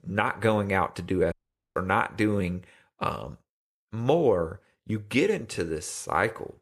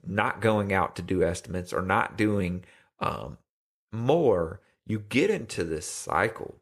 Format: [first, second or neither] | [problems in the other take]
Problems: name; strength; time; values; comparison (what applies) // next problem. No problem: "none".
second | audio cutting out; at 1.5 s